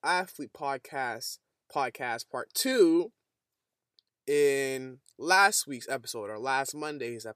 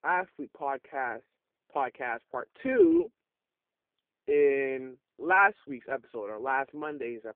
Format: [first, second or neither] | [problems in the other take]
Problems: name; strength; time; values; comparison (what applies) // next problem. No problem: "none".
first | phone-call audio; poor line